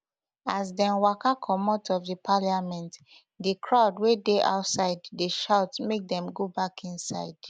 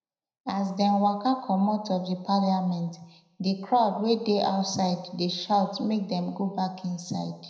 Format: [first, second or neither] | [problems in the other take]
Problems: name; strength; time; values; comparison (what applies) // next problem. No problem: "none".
first | room echo; dies away in 0.8 s